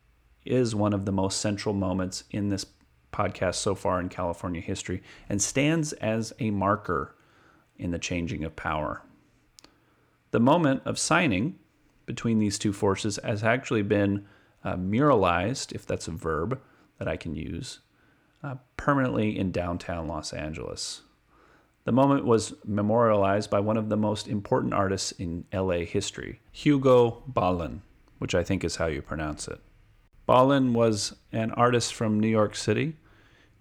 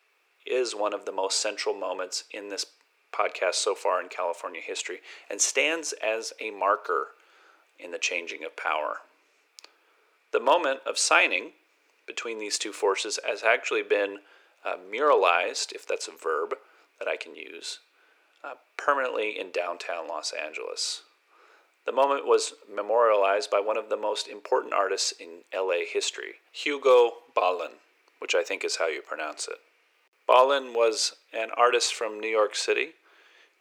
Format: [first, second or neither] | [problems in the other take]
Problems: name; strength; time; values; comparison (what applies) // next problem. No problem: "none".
first | thin; very; fading below 400 Hz